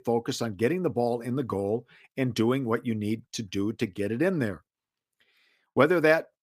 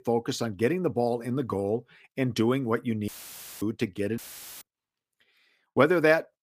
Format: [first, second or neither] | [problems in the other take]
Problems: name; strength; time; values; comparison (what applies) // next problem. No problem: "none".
first | audio cutting out; filled with static; at 3 s for 0.5 s and at 4 s